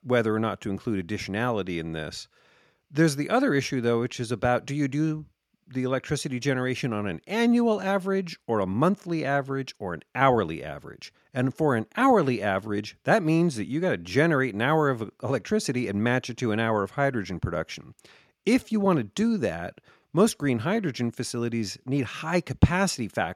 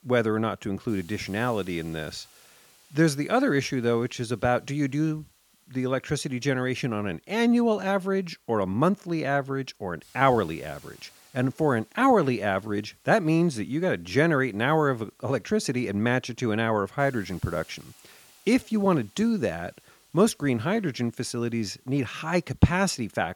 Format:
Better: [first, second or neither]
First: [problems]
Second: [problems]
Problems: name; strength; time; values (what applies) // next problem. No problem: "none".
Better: first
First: none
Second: hiss; faint; throughout; 30 dB below the speech